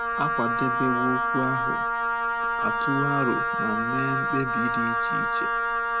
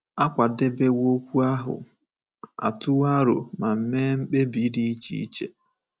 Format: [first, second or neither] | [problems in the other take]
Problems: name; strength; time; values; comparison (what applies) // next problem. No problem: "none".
second | background sound (Wind instrument, woodwind instrument); 5 dB above the speech